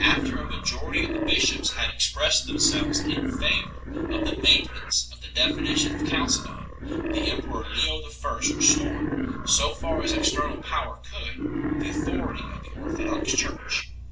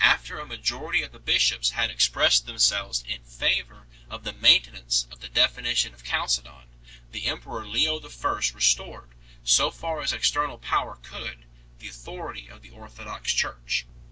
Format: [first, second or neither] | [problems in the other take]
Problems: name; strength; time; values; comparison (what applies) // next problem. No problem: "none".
second | background sound (Wild animals); 3 dB below the speech // room echo; dies away in 0.3 s